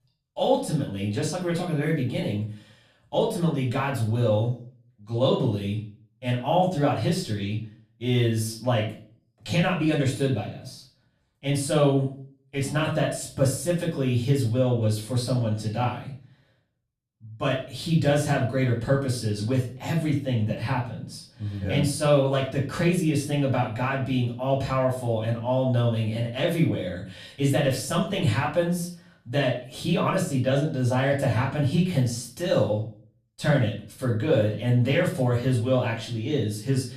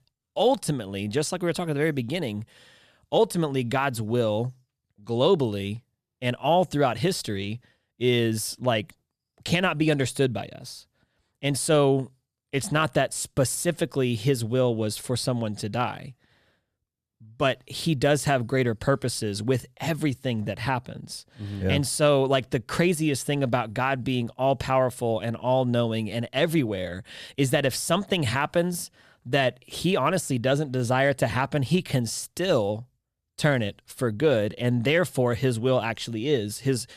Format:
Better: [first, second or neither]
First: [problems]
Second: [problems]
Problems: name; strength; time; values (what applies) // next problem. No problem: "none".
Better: second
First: room echo; slight; dies away in 0.4 s // off-mic speech; far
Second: none